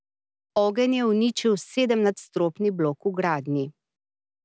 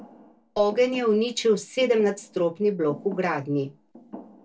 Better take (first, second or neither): first